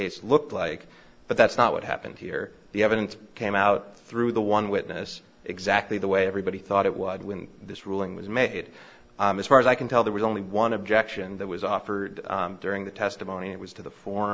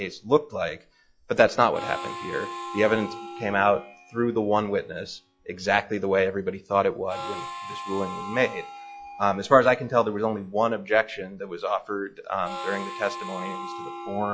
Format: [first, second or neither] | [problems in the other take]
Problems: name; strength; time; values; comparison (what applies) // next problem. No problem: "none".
first | noise reduction (classical method log-MMSE)